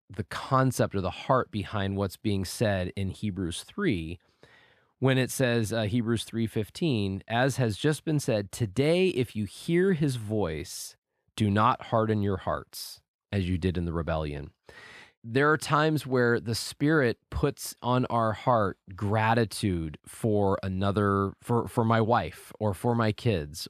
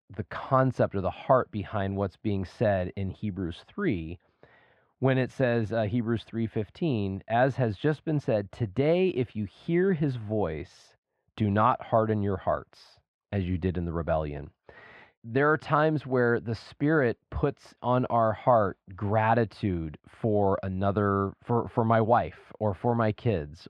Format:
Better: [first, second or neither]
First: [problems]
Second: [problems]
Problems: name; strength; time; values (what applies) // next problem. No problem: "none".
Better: first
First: none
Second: muffled; very; fading above 2.5 kHz